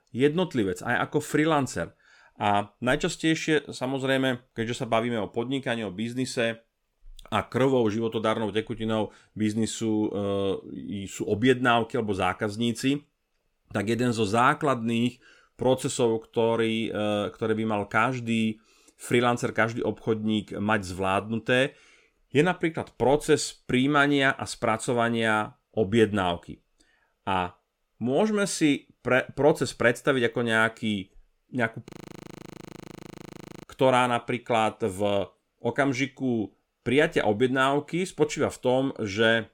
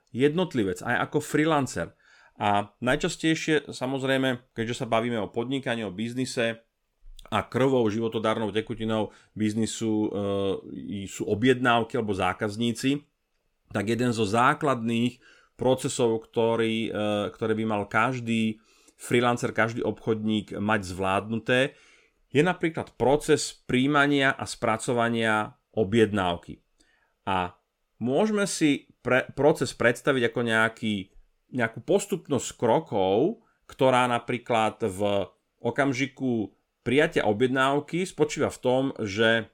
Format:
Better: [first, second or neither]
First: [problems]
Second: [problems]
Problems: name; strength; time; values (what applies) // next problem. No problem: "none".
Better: second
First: audio freezing; at 32 s for 2 s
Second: none